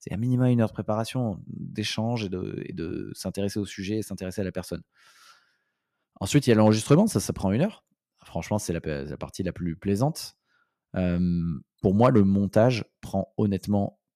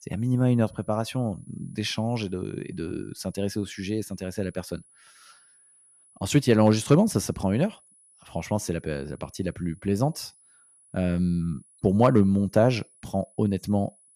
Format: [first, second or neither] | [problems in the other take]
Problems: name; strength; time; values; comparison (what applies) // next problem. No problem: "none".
first | high-pitched whine; faint; throughout; 10 kHz, 30 dB below the speech